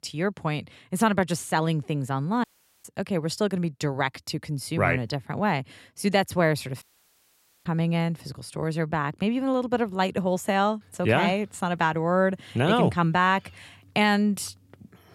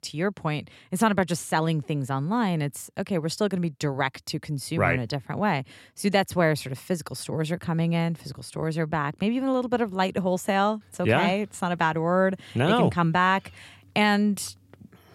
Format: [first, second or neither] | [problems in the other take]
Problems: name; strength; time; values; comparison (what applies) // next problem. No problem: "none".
second | audio cutting out; at 2.5 s and at 7 s for 1 s